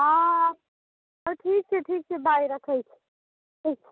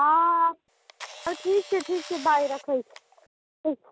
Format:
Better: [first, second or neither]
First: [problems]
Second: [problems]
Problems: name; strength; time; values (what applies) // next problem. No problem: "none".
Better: first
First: none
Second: background sound (Camera); 17 dB below the speech